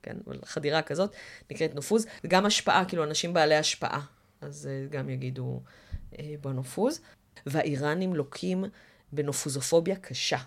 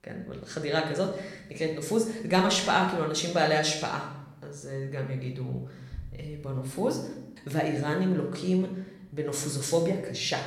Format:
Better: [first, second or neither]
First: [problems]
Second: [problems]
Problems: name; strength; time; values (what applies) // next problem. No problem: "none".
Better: first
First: none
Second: room echo; slight; dies away in 0.7 s // off-mic speech; somewhat distant